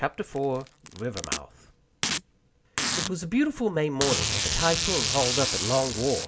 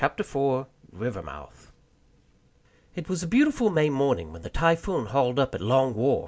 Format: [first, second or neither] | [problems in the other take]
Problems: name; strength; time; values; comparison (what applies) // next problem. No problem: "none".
second | background sound (Packing tape, duct tape); 2 dB below the speech